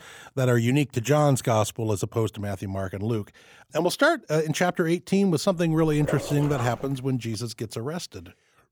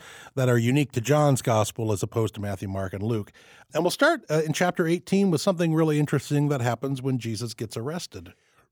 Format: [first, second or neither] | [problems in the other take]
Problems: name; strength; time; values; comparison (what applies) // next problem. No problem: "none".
second | dog barking; noticeable; from 5.5 to 7.5 s; peak 8 dB below the speech